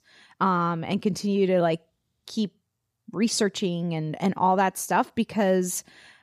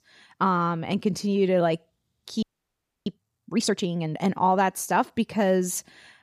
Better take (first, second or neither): first